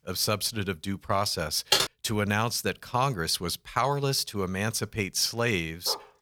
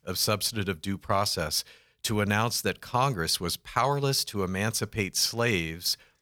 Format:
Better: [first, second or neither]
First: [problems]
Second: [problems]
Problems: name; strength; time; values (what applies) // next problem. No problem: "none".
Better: second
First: keyboard typing; loud; at 1.5 s; peak 4 dB above the speech // dog barking; very faint; at 6 s; peak 15 dB below the speech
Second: none